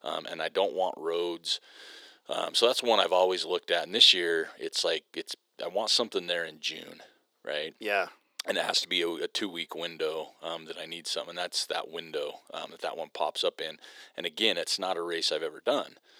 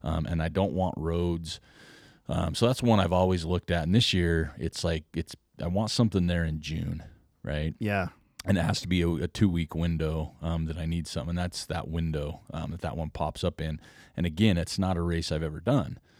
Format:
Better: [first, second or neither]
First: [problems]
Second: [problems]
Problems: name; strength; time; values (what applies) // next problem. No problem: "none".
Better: second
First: thin; very; fading below 400 Hz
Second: none